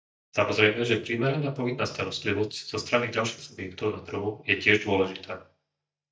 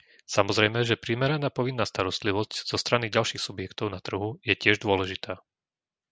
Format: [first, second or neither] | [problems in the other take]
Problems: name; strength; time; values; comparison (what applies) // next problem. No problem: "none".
second | noise reduction (neural mask model DeepFilterNet 3)